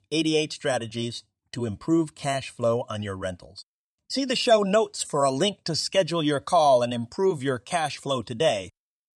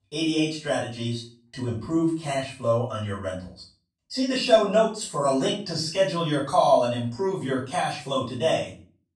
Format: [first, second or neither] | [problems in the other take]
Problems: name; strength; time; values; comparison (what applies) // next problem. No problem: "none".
first | off-mic speech; far // room echo; noticeable; dies away in 0.4 s